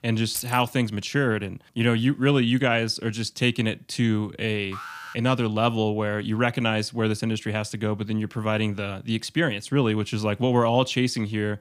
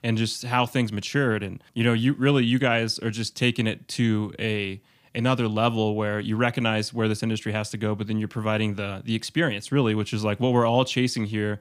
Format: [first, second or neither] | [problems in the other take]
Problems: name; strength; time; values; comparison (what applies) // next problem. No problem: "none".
second | jangling keys; noticeable; at 0.5 s; peak 8 dB below the speech // alarm; faint; at 4.5 s; peak 10 dB below the speech